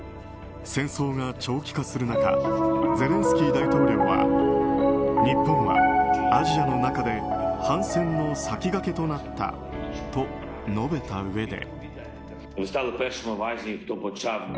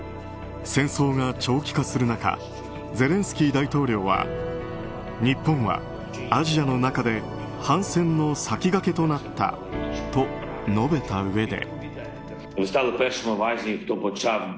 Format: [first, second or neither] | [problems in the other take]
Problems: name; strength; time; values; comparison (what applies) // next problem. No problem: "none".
second | background sound (Piano); 3 dB above the speech